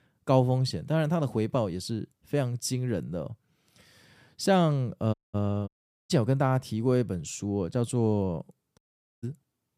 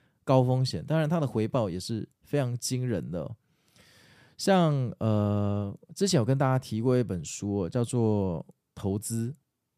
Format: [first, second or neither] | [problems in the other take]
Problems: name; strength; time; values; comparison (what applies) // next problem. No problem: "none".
second | audio cutting out; at 5 s, at 5.5 s and at 9 s